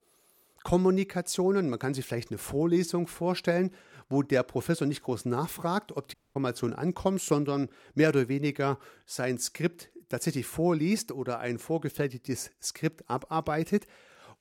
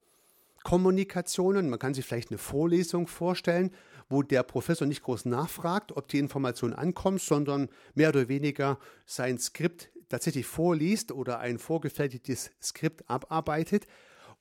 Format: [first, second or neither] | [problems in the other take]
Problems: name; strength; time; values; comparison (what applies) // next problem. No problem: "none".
second | audio cutting out; at 6 s